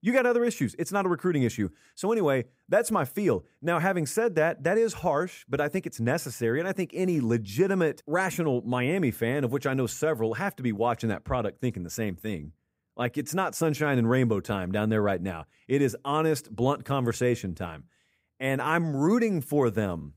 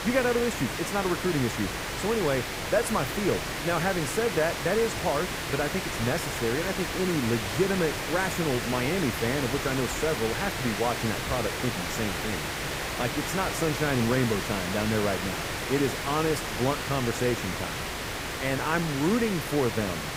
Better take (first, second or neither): first